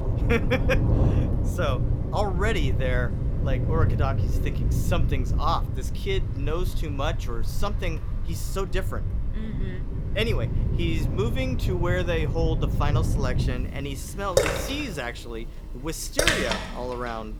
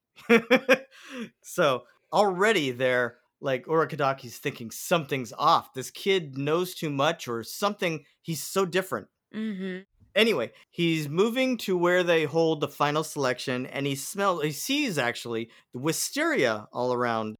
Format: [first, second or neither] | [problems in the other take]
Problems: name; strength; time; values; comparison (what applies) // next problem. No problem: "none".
second | rain or running water; very loud; throughout; 4 dB above the speech